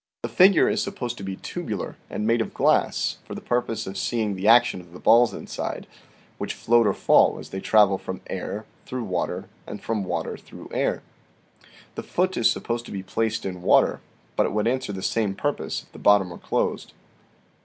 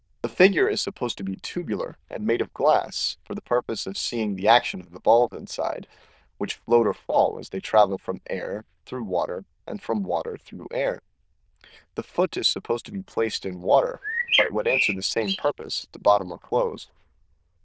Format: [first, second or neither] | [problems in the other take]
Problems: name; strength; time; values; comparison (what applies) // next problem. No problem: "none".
first | noise reduction (neural diffusion model UNIVERSE++)